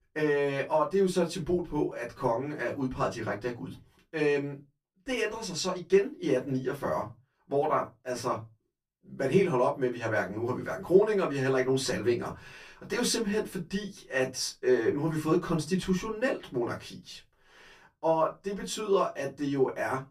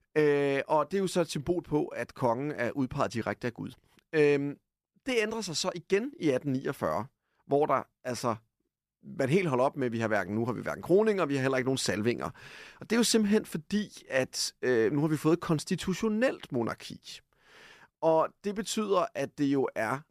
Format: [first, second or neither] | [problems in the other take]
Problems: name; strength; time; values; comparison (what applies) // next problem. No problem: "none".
second | off-mic speech; far // room echo; very slight; dies away in 0.2 s